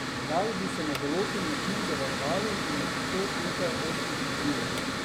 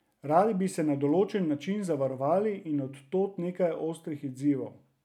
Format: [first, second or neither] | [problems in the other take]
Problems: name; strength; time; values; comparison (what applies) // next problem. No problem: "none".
second | background sound (Mechanical fan); 3 dB above the speech